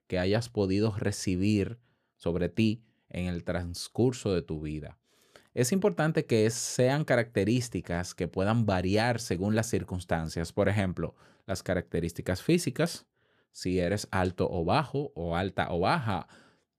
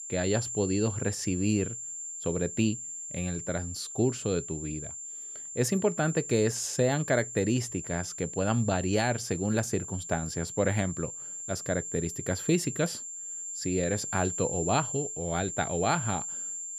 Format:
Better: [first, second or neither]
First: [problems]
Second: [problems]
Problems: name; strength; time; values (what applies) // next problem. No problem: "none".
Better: first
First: none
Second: high-pitched whine; loud; throughout; 7.5 kHz, 6 dB below the speech